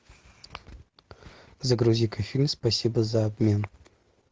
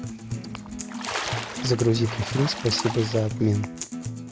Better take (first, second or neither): first